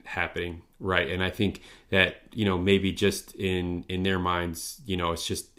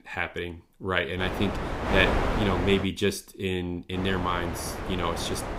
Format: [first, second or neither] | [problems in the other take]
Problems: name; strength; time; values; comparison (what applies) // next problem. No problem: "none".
first | wind noise on the microphone; heavy; from 1 to 3 s and from 4 s on; 3 dB below the speech